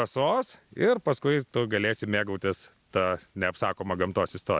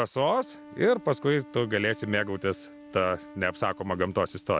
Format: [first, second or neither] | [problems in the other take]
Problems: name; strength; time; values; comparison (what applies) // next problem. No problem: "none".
first | background sound (Wind instrument, woodwind instrument); 20 dB below the speech